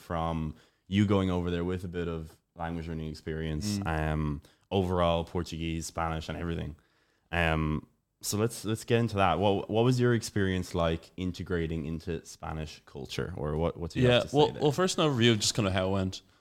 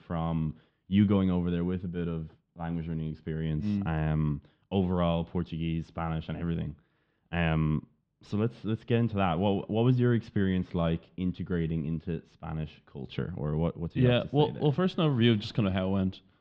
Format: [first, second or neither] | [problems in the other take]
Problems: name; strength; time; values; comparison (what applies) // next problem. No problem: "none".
first | muffled; slightly; fading above 3.5 kHz